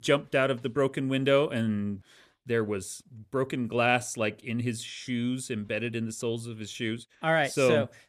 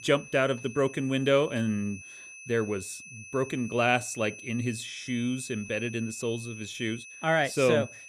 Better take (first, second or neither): first